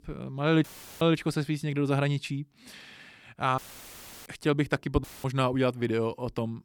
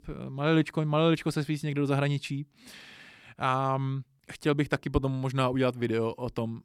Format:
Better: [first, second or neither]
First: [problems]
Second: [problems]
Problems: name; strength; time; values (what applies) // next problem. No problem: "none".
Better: second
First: audio cutting out; filled with static; at 0.5 s, at 3.5 s for 0.5 s and at 5 s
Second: none